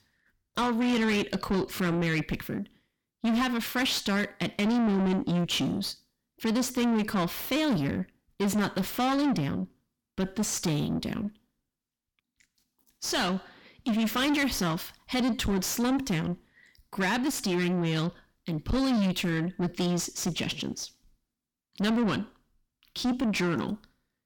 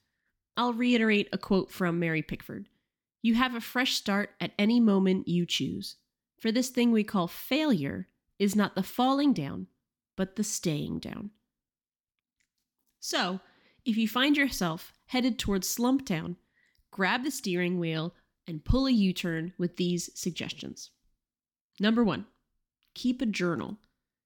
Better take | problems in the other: second | distortion; heavy; 7 dB below the speech

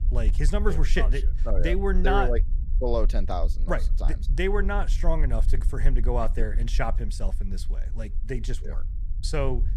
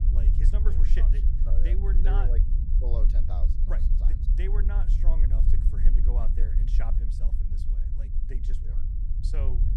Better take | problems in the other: first | low rumble; loud; throughout; 4 dB below the speech; faint in the first

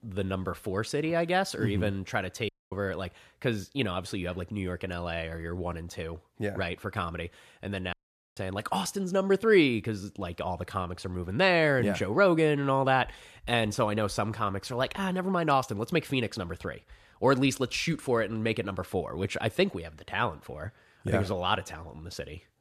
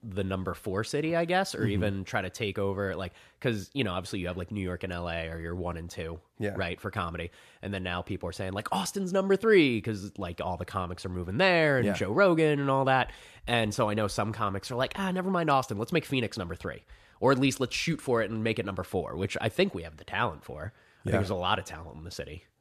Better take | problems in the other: second | audio cutting out; at 2.5 s and at 8 s

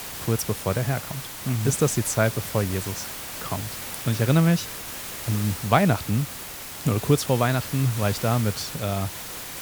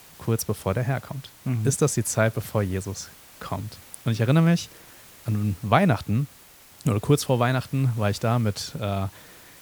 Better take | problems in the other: second | hiss; loud; throughout; 8 dB below the speech; faint in the second

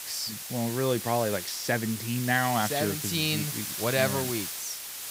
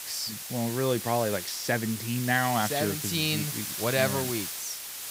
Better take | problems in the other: neither | hiss; loud; throughout; 4 dB below the speech; the same in both

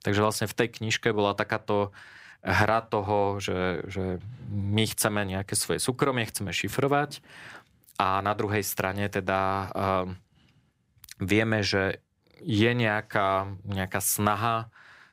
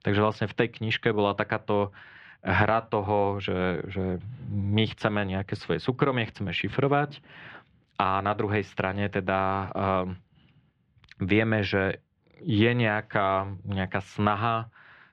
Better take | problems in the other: first | muffled; slightly; fading above 3 kHz

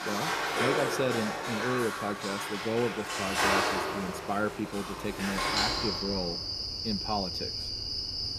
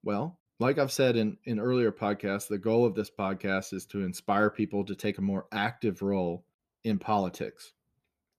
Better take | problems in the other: second | animal sounds; very loud; throughout; 3 dB above the speech

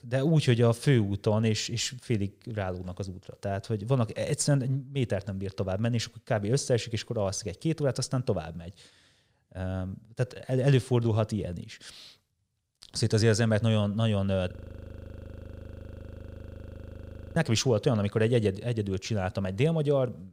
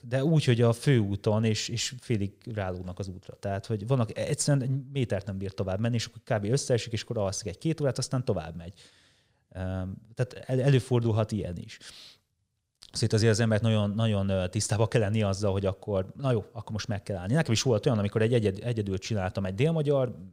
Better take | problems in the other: second | audio freezing; at 15 s for 3 s

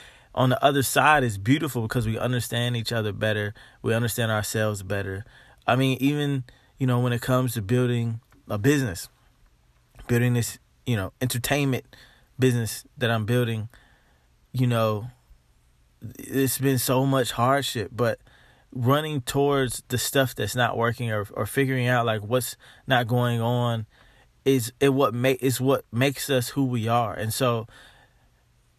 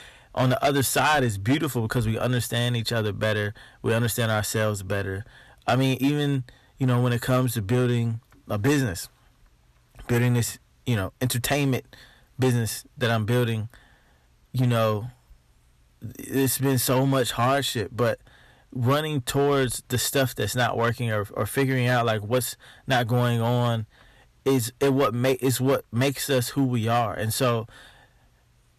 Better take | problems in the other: first | distortion; slight; 5% of the sound clipped

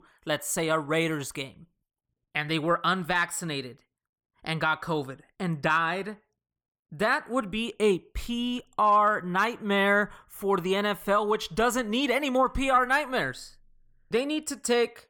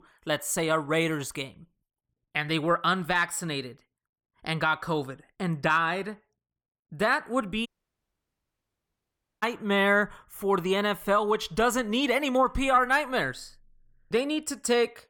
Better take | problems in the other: first | audio cutting out; at 7.5 s for 2 s

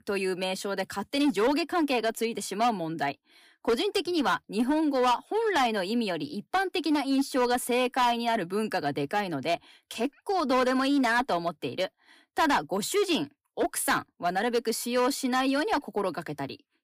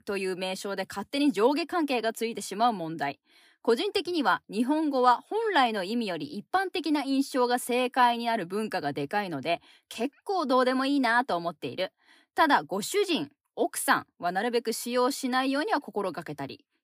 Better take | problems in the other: second | distortion; slight; 7% of the sound clipped

